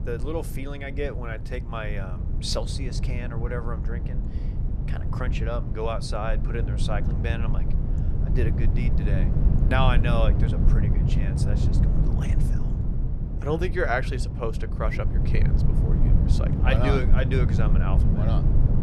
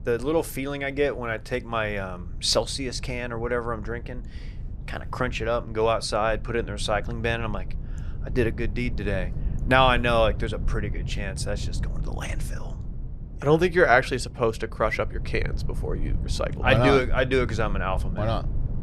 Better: second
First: low rumble; loud; throughout; 7 dB below the speech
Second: low rumble; faint; throughout; 20 dB below the speech

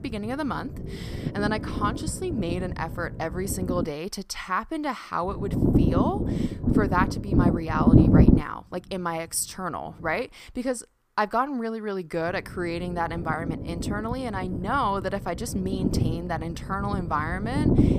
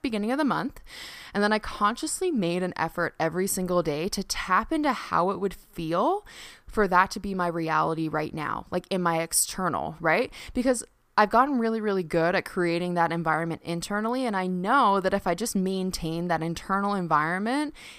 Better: second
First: low rumble; loud; until 4 s, from 5.5 to 10 s and from 12 s on; 2 dB below the speech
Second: none

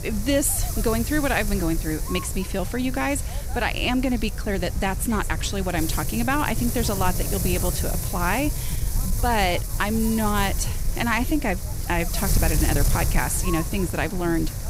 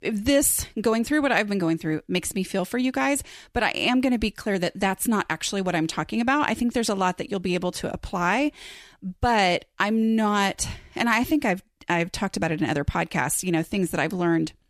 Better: second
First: wind noise on the microphone; heavy; 9 dB below the speech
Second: none

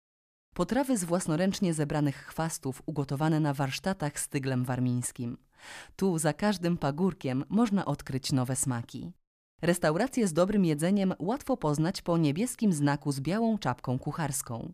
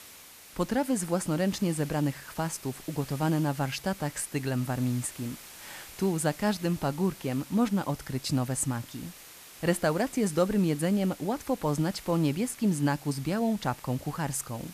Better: first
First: none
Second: hiss; noticeable; throughout; 15 dB below the speech

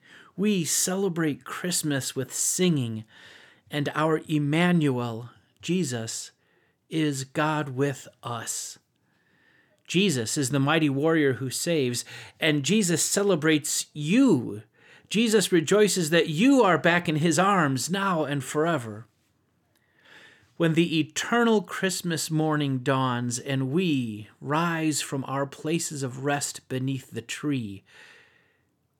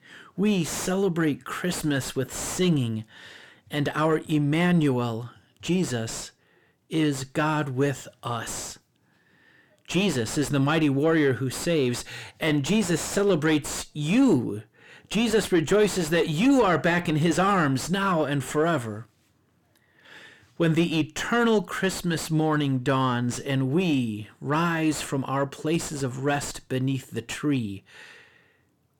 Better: first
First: none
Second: distortion; slight; 8 dB below the speech

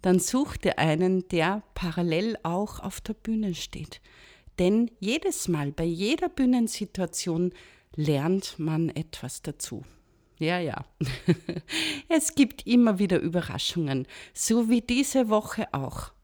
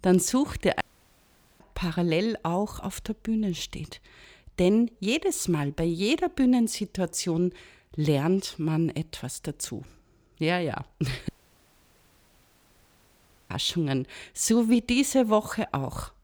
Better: first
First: none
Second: audio cutting out; at 1 s for 1 s and at 11 s for 2 s

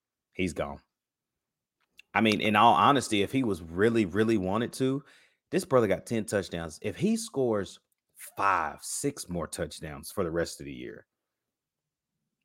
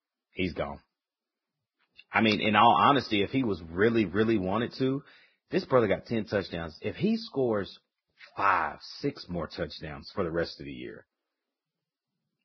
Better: first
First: none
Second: garbled, watery; badly; nothing above 5.5 kHz

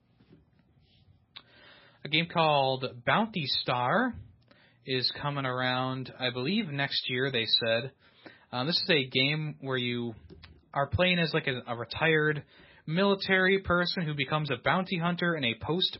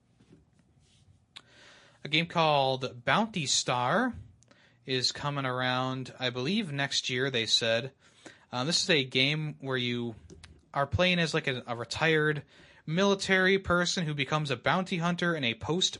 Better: second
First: garbled, watery; badly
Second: garbled, watery; slightly; nothing above 10.5 kHz

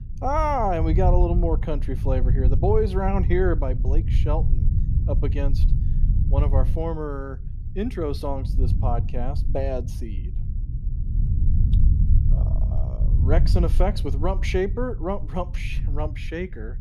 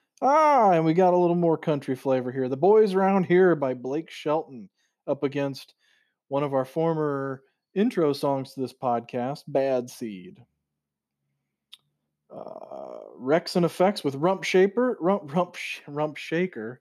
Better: second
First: low rumble; noticeable; throughout; 15 dB below the speech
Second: none

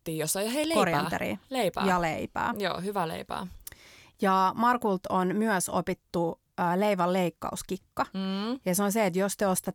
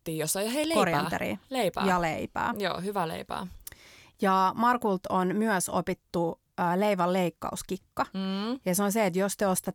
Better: neither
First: none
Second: none

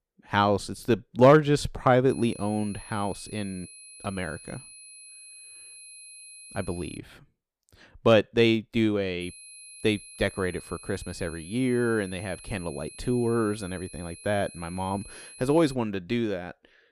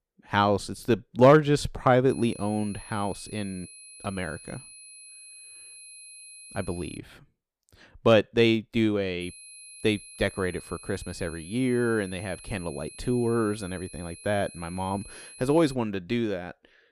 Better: neither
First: high-pitched whine; noticeable; from 2 to 7 s and from 9 to 16 s; 10.5 kHz, 20 dB below the speech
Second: high-pitched whine; noticeable; from 2 to 7 s and from 9 to 16 s; 10.5 kHz, 20 dB below the speech

